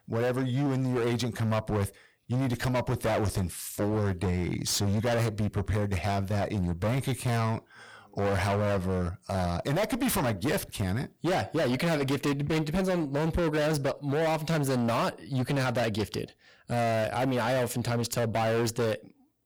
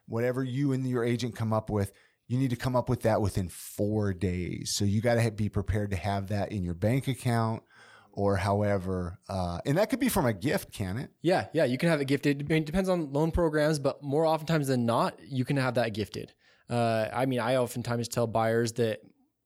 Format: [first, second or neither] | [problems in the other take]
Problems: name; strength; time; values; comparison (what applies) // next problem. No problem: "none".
second | distortion; heavy; 28% of the sound clipped